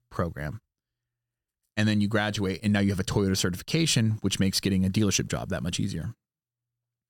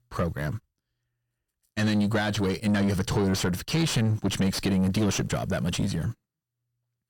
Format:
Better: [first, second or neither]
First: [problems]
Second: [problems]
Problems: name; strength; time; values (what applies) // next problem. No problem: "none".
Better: first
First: none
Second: distortion; heavy; 6 dB below the speech